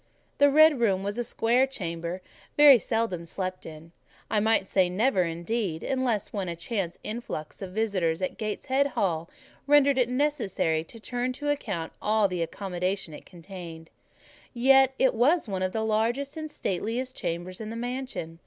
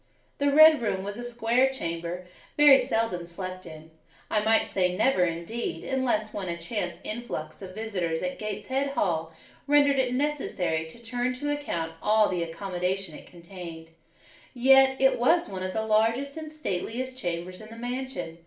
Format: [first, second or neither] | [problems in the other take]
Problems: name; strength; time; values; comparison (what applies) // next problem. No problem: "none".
first | room echo; dies away in 0.4 s